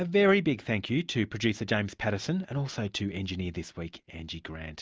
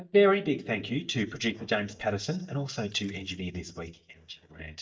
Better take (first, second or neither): first